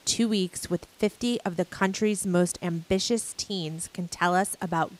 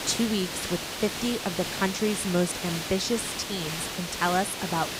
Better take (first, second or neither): first